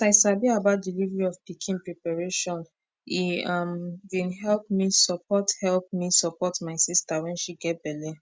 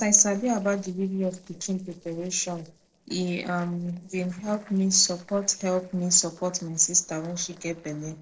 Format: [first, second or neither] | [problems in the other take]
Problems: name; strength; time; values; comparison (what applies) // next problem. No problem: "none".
first | noise reduction (neural separator model SepFormer DNS4)